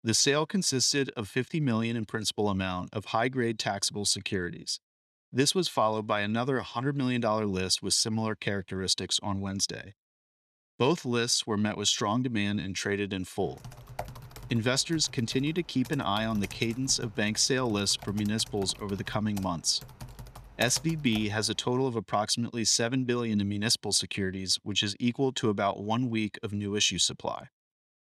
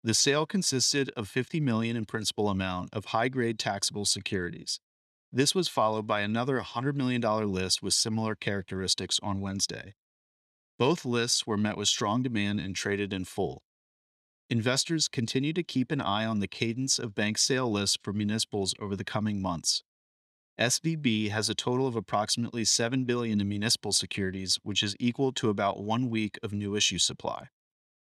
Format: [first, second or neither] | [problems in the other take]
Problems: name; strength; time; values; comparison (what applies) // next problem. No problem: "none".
second | keyboard typing; faint; from 14 to 21 s; peak 10 dB below the speech